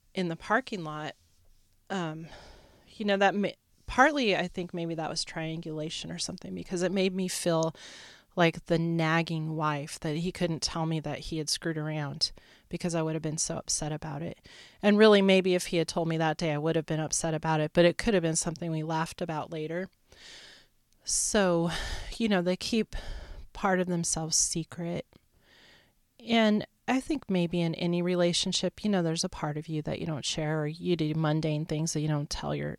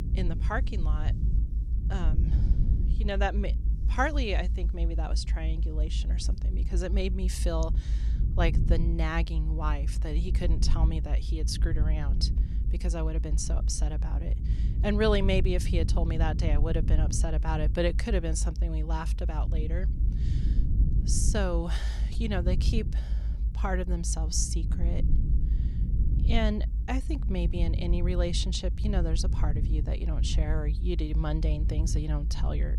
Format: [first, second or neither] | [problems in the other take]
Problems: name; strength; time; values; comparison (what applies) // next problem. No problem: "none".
first | low rumble; noticeable; throughout; 10 dB below the speech